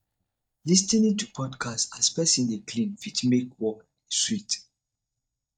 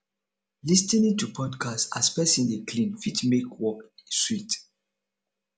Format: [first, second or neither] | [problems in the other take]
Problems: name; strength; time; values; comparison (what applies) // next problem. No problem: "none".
second | noise reduction (neural mask model DeepFilterNet 3)